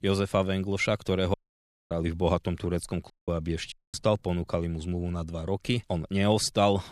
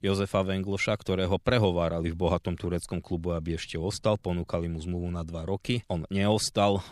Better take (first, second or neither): second